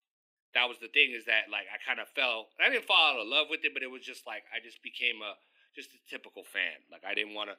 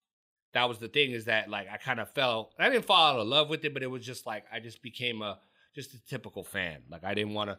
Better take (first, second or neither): second